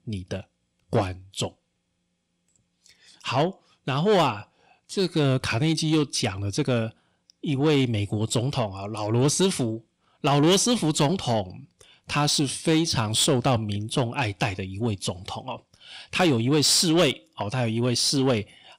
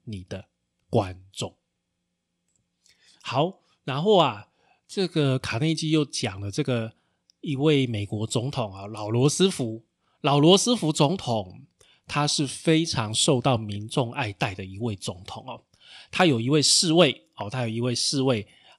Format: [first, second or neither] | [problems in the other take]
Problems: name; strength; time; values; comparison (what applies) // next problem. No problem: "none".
second | distortion; slight; 10 dB below the speech